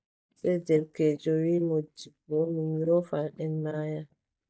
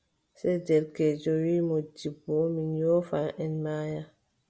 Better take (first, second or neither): second